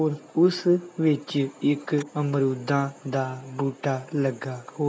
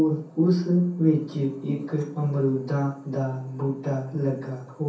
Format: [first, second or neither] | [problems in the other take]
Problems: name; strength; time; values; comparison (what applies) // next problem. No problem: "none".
first | room echo; dies away in 0.6 s